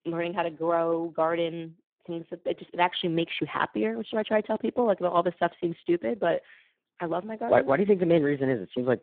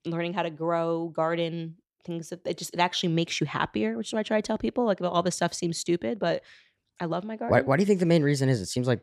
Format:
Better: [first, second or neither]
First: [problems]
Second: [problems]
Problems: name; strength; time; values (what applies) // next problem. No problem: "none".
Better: second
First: phone-call audio; poor line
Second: none